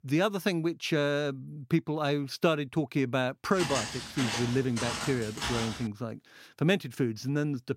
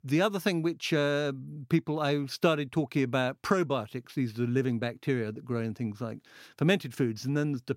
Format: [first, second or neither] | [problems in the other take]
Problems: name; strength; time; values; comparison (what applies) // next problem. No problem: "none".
second | footsteps; noticeable; from 3.5 to 6 s; peak 2 dB below the speech